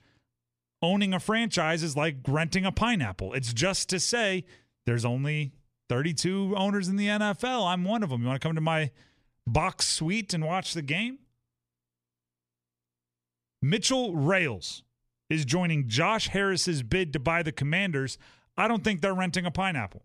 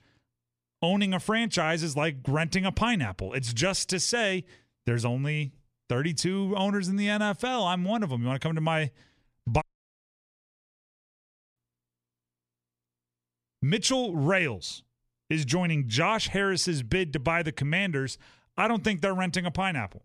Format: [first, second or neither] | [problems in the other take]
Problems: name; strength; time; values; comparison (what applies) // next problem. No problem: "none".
first | audio cutting out; at 9.5 s for 2 s